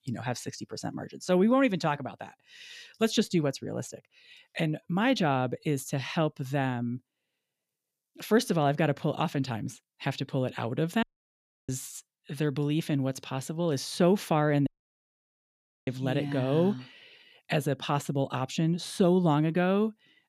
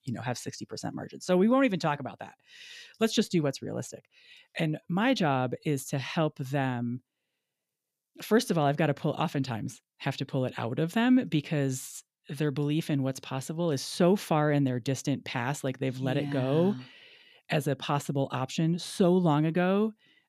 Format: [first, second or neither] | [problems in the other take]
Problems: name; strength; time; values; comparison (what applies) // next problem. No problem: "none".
second | audio cutting out; at 11 s for 0.5 s and at 15 s for 1 s